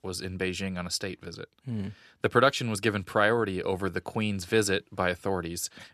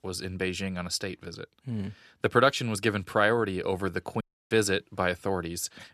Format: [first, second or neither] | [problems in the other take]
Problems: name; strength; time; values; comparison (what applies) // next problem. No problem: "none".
first | audio cutting out; at 4 s